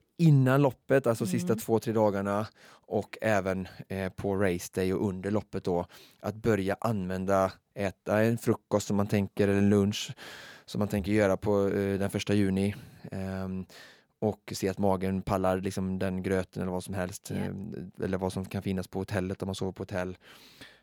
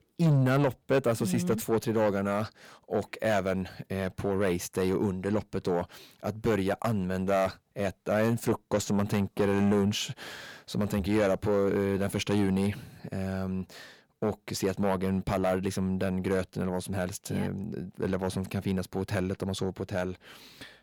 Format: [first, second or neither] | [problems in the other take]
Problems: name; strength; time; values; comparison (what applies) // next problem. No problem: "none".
first | distortion; slight; 10 dB below the speech